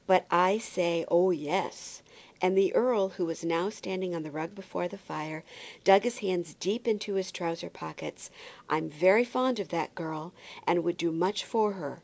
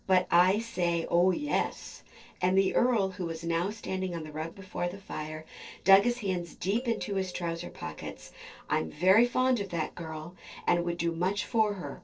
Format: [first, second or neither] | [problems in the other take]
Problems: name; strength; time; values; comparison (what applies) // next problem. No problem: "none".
first | noise reduction (neural separator model SepFormer DNS4)